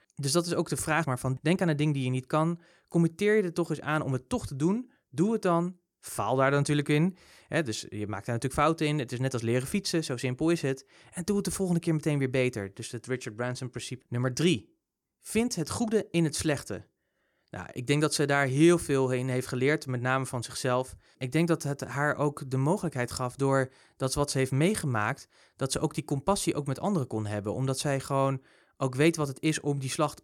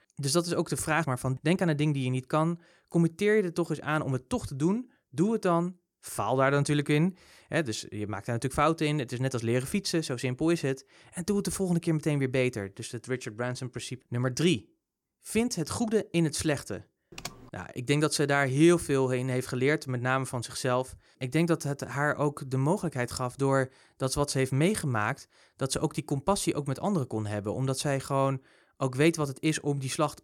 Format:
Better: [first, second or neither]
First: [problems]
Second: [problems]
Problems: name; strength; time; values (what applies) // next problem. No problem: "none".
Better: first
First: none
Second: keyboard typing; faint; at 17 s; peak 15 dB below the speech